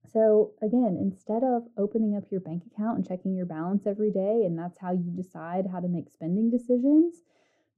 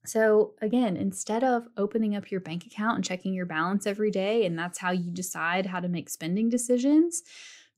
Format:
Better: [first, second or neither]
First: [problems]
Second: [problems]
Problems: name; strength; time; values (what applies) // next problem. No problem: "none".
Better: second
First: muffled; very; fading above 1 kHz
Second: none